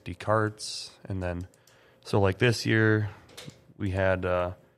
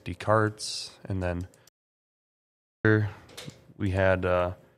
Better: first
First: none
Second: audio cutting out; at 1.5 s for 1 s

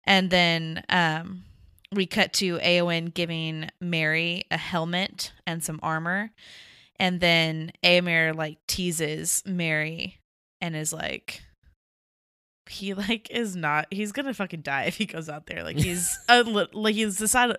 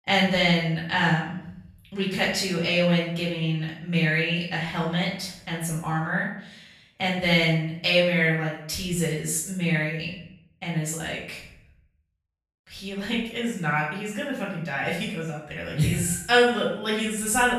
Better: first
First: none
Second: off-mic speech; far // room echo; noticeable; dies away in 0.6 s

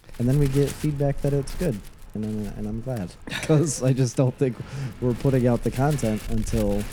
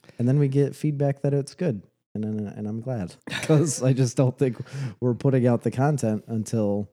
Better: second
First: wind noise on the microphone; occasional gusts; 15 dB below the speech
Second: none

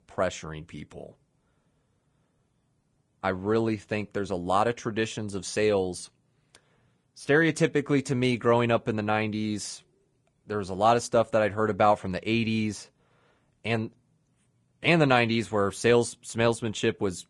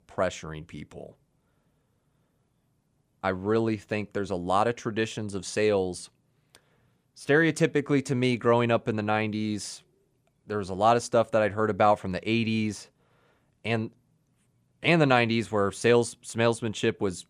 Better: second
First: garbled, watery; slightly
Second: none

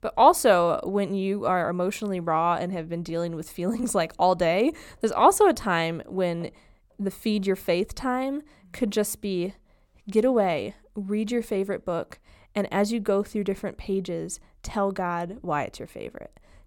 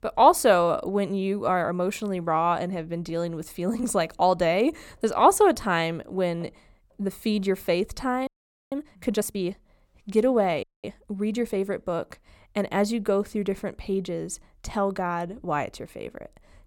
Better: first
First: none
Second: audio freezing; at 8.5 s and at 11 s

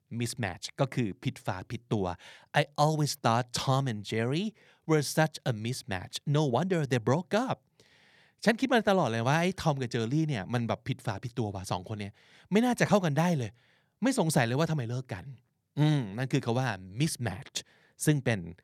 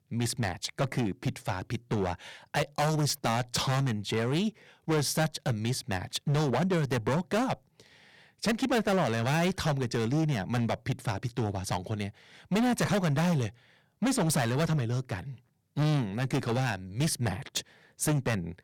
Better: first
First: none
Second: distortion; heavy; 13% of the sound clipped

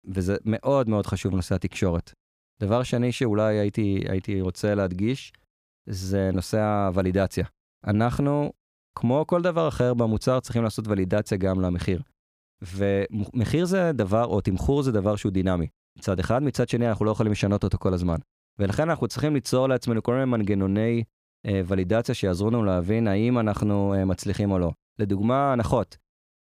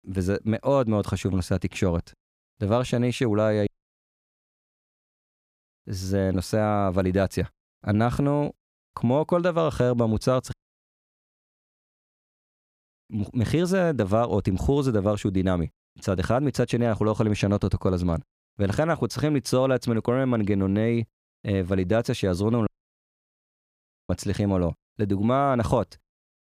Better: first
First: none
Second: audio cutting out; at 3.5 s for 2 s, at 11 s for 2.5 s and at 23 s for 1.5 s

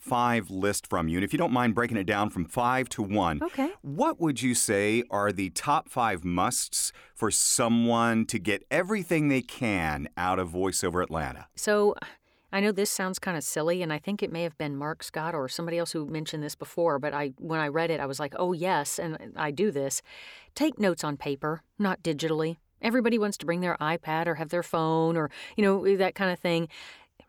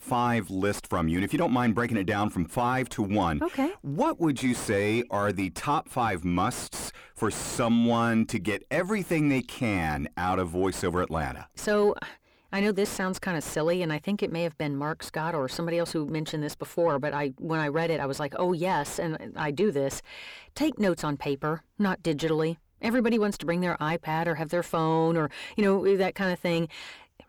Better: first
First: none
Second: distortion; slight; 10 dB below the speech

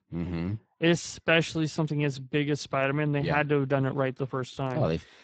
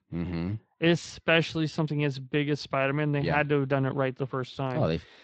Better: second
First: garbled, watery; badly; nothing above 8 kHz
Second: garbled, watery; slightly; nothing above 8 kHz

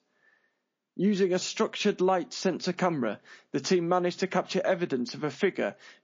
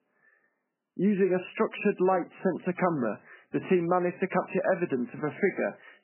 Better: first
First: garbled, watery; slightly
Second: garbled, watery; badly; nothing above 3 kHz

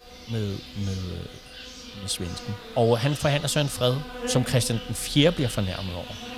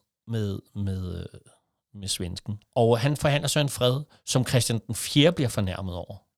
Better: second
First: animal sounds; noticeable; throughout; 10 dB below the speech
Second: none

